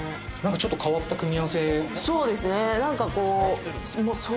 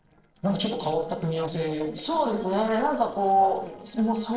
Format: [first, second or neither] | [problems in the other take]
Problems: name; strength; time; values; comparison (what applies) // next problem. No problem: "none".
first | noise reduction (neural separator model SepFormer DNS4)